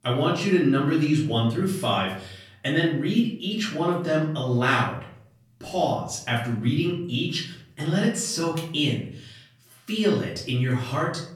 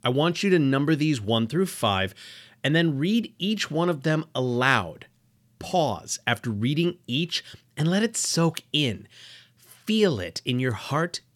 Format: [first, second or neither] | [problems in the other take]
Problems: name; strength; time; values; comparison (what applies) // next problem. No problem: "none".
second | off-mic speech; far // room echo; noticeable; dies away in 0.5 s